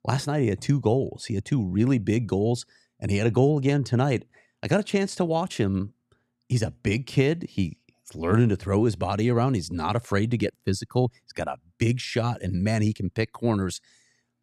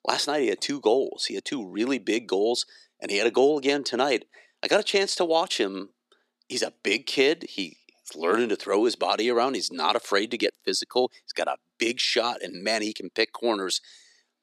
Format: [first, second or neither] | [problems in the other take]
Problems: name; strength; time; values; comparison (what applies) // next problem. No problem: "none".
first | thin; somewhat; fading below 350 Hz